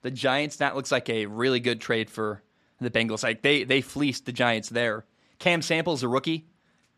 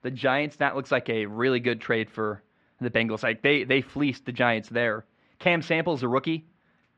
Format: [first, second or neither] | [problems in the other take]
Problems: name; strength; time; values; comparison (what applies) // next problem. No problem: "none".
first | muffled; slightly; fading above 2.5 kHz